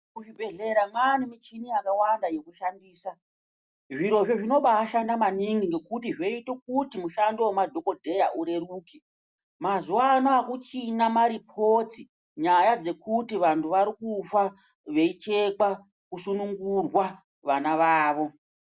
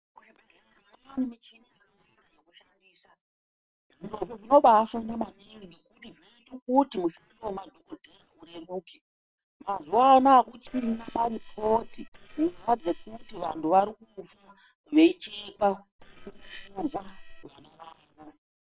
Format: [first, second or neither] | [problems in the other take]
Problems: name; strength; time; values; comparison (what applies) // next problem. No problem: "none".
first | noise reduction (neural separator model SepFormer WHAM!)